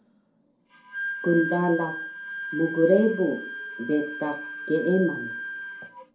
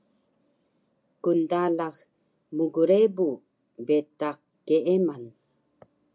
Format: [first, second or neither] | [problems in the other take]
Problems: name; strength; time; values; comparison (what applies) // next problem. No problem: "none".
second | background sound (Wind instrument, woodwind instrument); 9 dB below the speech // room echo; dies away in 0.4 s